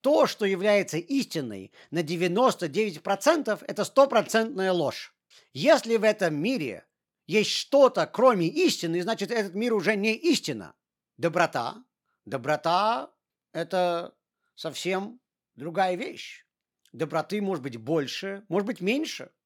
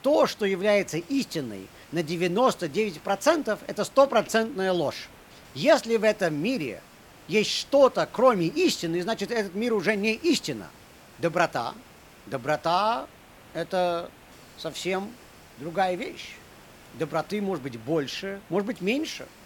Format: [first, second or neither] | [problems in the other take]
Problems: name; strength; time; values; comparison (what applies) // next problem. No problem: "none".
first | hiss; faint; throughout; 25 dB below the speech